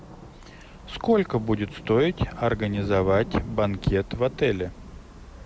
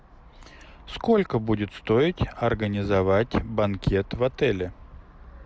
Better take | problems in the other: second | background sound (Rain / Thunderstorm); 17 dB below the speech

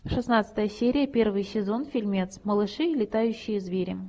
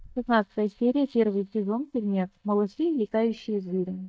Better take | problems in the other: first | noise reduction (neural mask model DeepFilterNet 3)

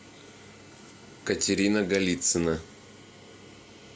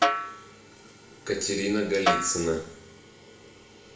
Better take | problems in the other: first | background sound (Snare drum); 1 dB below the speech // room echo; dies away in 0.6 s

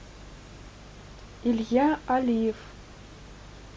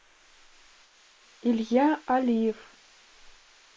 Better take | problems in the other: first | noise reduction (neural mask model Resemble Enhance denoiser)

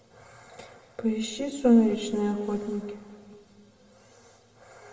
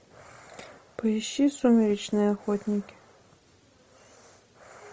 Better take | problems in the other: second | room echo; dies away in 1.9 s

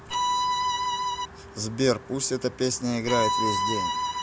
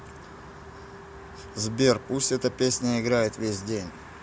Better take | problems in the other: second | background sound (Bowed string instrument); 3 dB above the speech

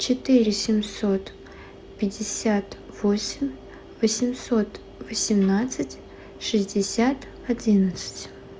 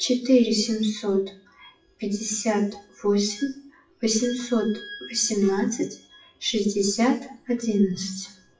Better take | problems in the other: first | noise reduction (classical method WPE with log-MMSE)

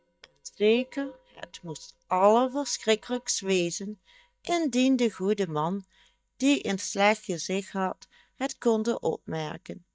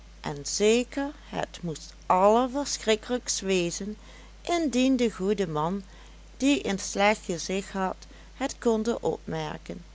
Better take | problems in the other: second | noise reduction (neural mask model DeepFilterNet 3)

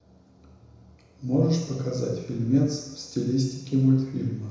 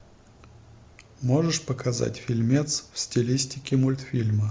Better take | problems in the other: second | room echo; dies away in 1 s

